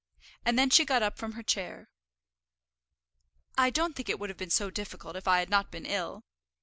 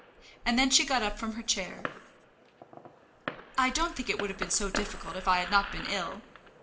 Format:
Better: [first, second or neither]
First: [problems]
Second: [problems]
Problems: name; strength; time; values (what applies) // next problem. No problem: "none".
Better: first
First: none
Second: background sound (Fireworks); 12 dB below the speech // room echo; dies away in 0.8 s